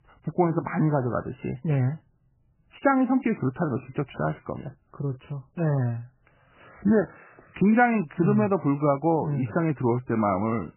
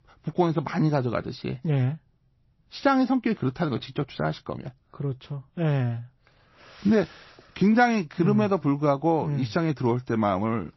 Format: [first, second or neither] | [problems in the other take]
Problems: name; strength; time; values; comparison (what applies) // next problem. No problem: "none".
second | garbled, watery; badly; nothing above 2.5 kHz; slightly in the second